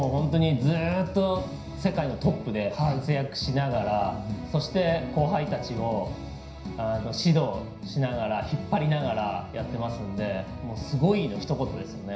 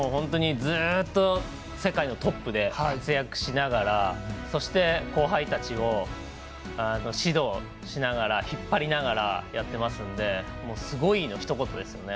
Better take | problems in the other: second | room echo; dies away in 0.5 s

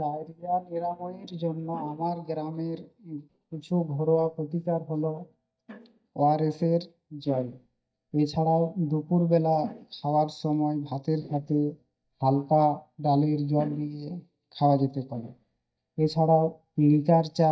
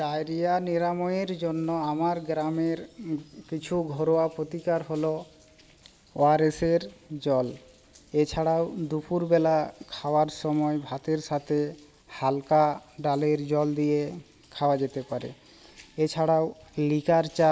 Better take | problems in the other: second | noise reduction (neural mask model DeepFilterNet 3)

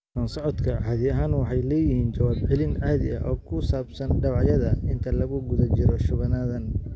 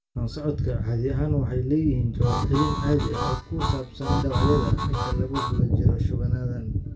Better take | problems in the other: first | background sound (Harmonica); 8 dB below the speech // room echo; dies away in 0.2 s

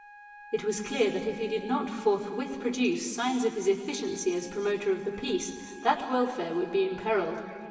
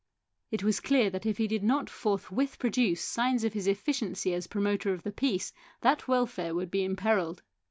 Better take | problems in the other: second | background sound (Wind instrument, woodwind instrument); 19 dB below the speech // room echo; dies away in 2.3 s

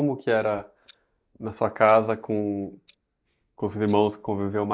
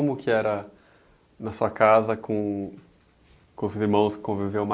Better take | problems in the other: second | noise reduction (neural mask model DeepFilterNet 3)

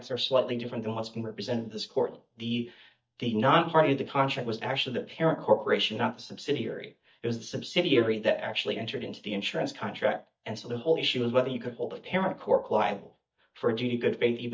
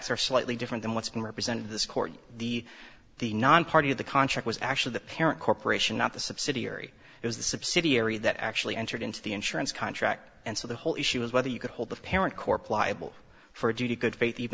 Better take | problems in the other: second | noise reduction (neural mask model DeepFilterNet 3)

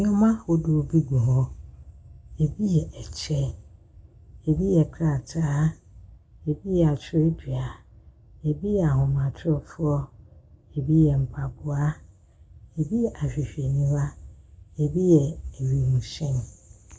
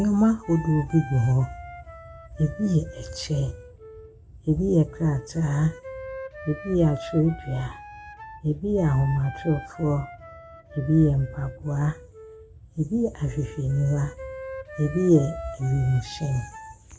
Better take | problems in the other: first | background sound (Wind instrument, woodwind instrument); 16 dB below the speech

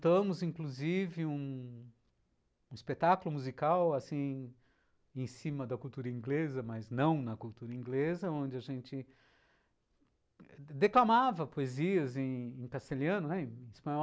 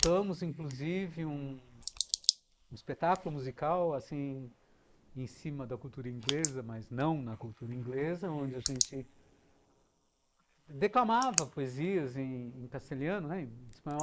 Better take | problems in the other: first | noise reduction (neural mask model Resemble Enhance denoiser)

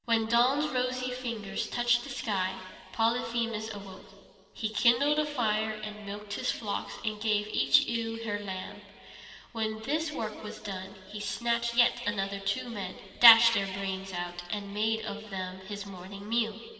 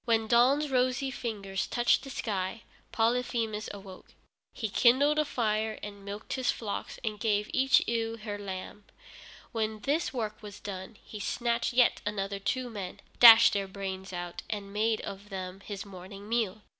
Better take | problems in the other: second | room echo; dies away in 2.2 s

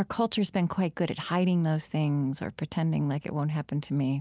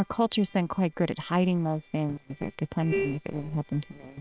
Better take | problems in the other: first | noise reduction (neural separator model SepFormer WHAM!)

